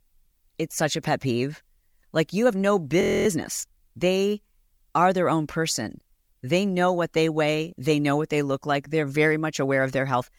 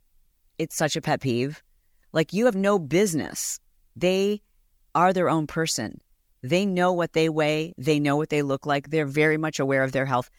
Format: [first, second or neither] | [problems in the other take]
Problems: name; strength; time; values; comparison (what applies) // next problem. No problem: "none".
second | audio freezing; at 3 s